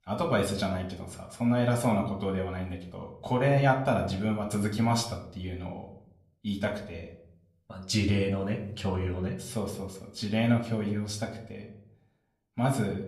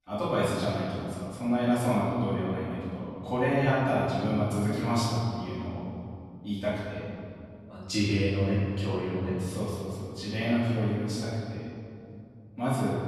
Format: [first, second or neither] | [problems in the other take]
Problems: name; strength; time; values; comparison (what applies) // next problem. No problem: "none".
first | room echo; strong; dies away in 2.6 s; slight in the first // off-mic speech; far; somewhat distant in the first